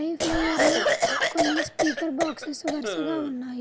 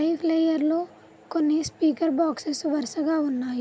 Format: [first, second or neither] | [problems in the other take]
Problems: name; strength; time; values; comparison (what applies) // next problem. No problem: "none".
second | background sound (Cough); 2 dB above the speech